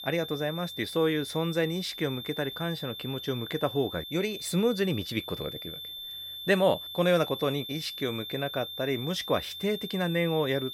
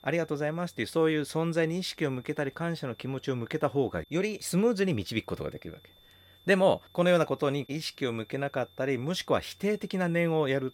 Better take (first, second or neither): second